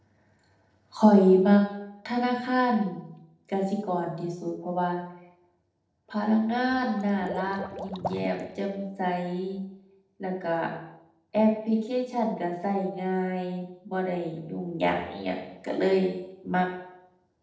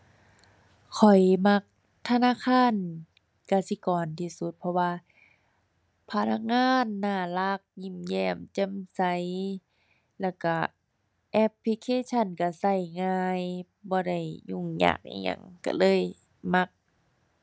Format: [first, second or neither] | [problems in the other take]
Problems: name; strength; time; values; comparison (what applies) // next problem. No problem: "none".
second | noise reduction (neural separator model SepFormer DNS4)